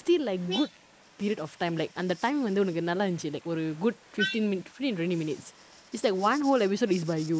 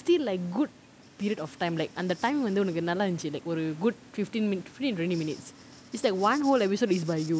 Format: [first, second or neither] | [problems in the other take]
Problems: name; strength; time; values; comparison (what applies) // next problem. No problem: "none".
second | noise reduction (neural mask model Resemble Enhance denoiser)